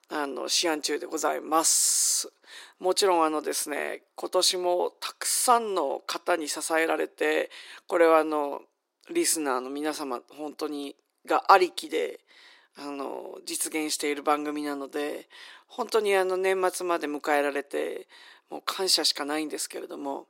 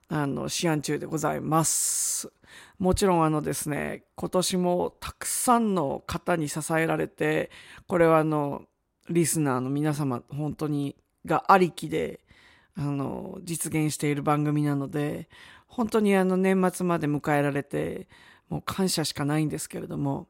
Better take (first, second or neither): second